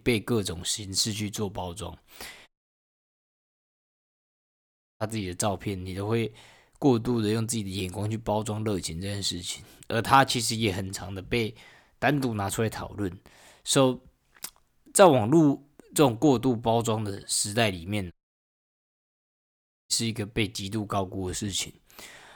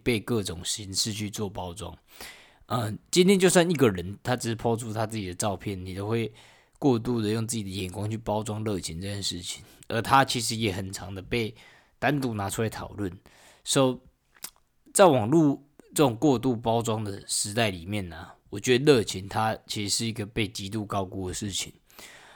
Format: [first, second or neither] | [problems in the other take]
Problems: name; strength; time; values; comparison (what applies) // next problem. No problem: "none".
second | audio cutting out; at 2.5 s for 2.5 s and at 18 s for 2 s